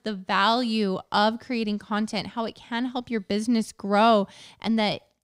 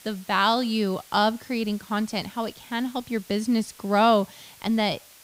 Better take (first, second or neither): first